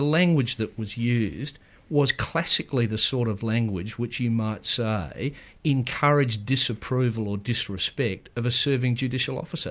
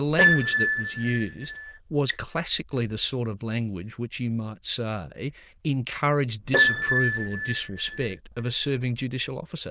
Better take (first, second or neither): first